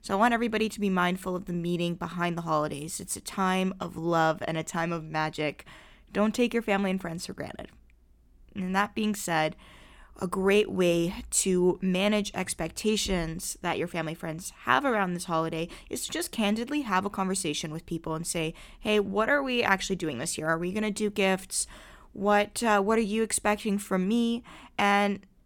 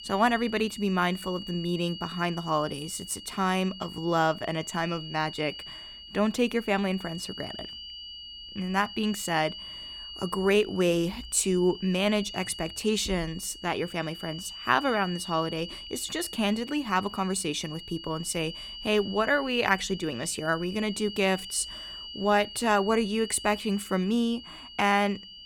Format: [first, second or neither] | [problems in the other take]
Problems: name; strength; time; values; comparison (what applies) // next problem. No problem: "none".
first | high-pitched whine; noticeable; throughout; 3 kHz, 10 dB below the speech